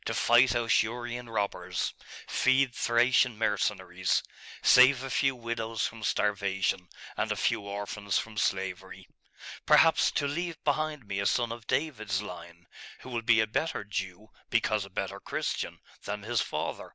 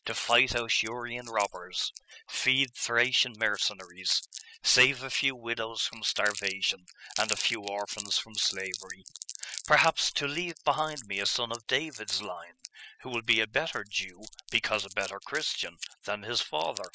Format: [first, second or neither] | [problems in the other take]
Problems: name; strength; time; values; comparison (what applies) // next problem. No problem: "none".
first | noise reduction (classical method spectral subtraction)